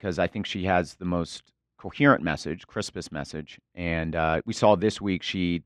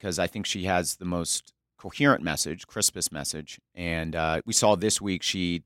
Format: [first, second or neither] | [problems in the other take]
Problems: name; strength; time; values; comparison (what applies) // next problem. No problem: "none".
second | muffled; slightly; fading above 2.5 kHz